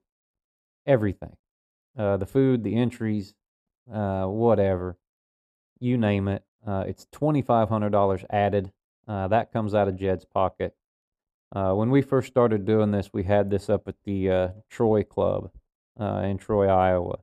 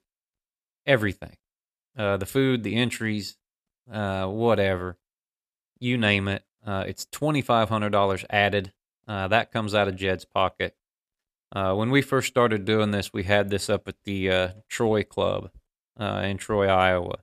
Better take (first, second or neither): second